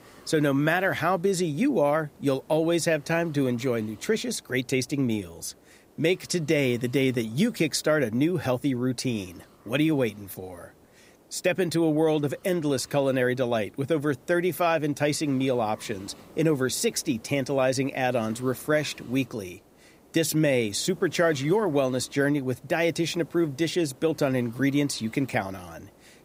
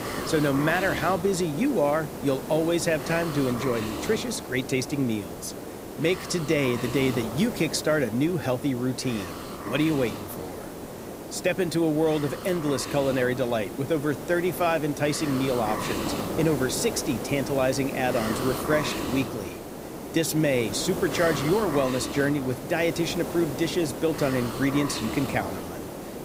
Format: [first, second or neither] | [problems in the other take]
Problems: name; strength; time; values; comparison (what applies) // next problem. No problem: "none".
first | hiss; loud; throughout; 7 dB below the speech; faint in the first